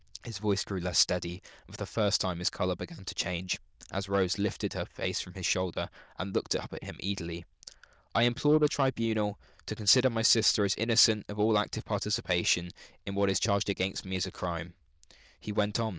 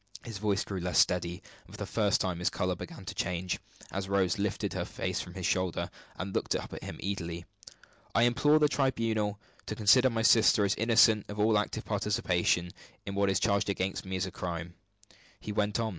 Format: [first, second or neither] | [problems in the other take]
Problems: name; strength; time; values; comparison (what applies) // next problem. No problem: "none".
second | noise reduction (neural diffusion model UNIVERSE++)